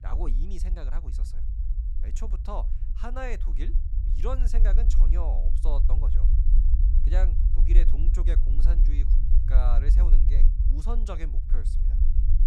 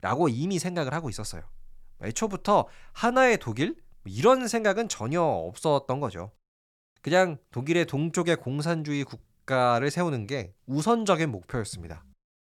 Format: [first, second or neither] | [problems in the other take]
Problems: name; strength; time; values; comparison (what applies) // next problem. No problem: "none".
second | low rumble; loud; throughout; 7 dB below the speech